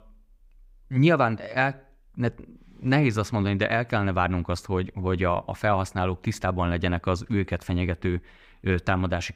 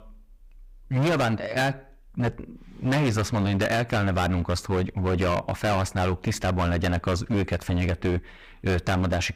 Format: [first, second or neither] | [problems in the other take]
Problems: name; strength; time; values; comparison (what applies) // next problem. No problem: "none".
first | distortion; heavy; 18% of the sound clipped